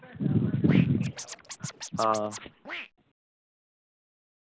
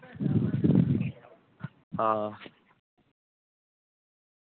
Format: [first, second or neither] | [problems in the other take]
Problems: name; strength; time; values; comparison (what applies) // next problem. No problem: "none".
second | background sound (Scratching (performance technique)); 12 dB below the speech